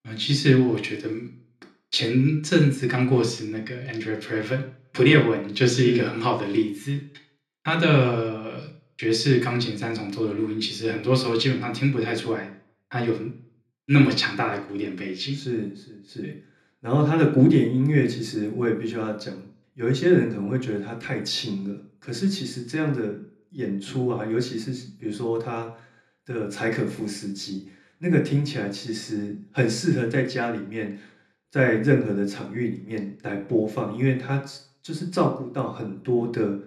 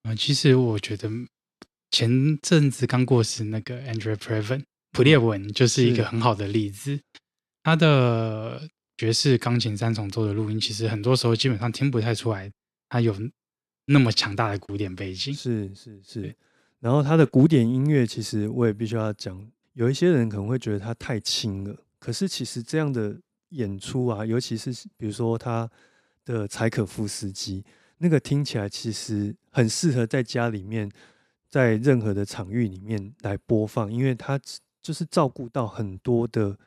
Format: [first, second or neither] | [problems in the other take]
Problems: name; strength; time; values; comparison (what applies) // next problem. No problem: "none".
second | room echo; slight; dies away in 0.4 s // off-mic speech; somewhat distant